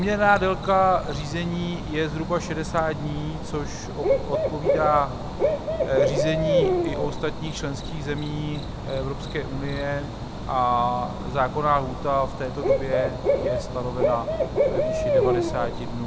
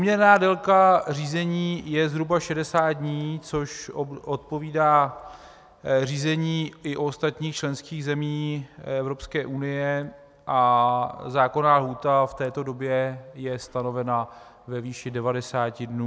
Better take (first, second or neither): second